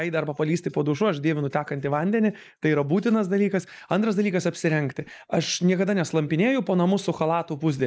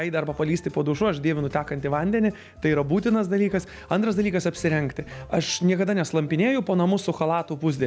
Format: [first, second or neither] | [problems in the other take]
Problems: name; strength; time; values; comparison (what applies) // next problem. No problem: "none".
second | noise reduction (neural mask model Resemble Enhance denoiser)